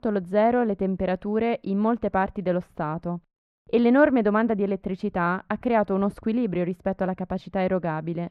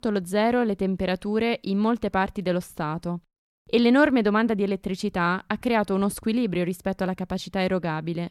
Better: second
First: muffled; very; fading above 3.5 kHz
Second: none

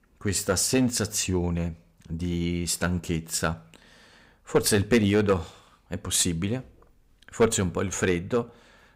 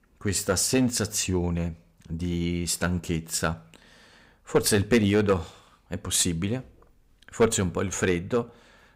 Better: neither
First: distortion; slight; 2% of the sound clipped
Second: distortion; slight; 2% of the sound clipped

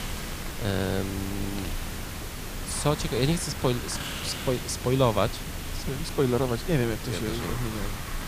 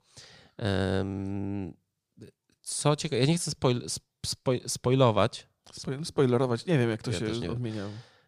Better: second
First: hiss; loud; throughout; 6 dB below the speech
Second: none

